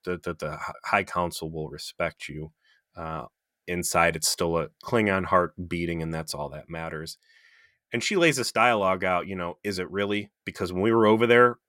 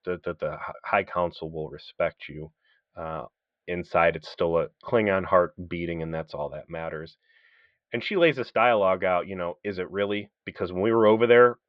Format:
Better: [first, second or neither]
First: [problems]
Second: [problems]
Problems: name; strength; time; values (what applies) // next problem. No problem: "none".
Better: first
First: none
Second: muffled; very; fading above 3.5 kHz